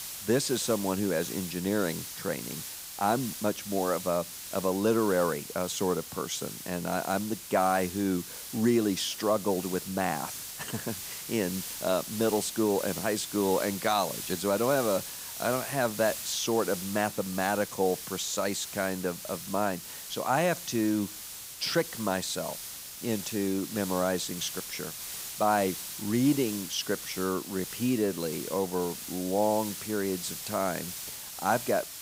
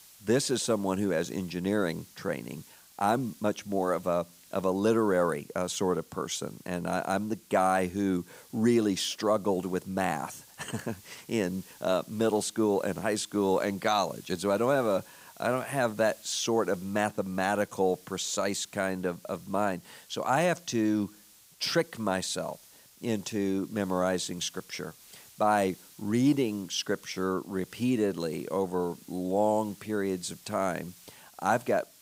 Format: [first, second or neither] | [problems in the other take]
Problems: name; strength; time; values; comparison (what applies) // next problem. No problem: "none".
second | hiss; loud; throughout; 8 dB below the speech; faint in the second